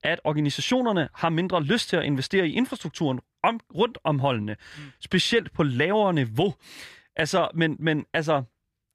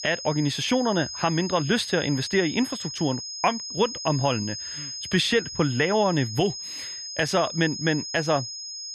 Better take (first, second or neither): first